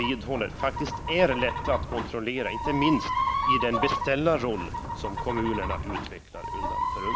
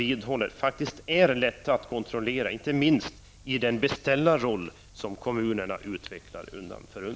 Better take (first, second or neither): second